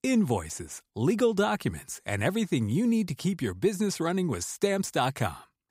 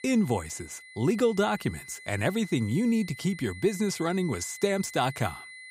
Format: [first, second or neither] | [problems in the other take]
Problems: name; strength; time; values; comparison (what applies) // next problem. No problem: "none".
first | high-pitched whine; noticeable; throughout; 2 kHz, 15 dB below the speech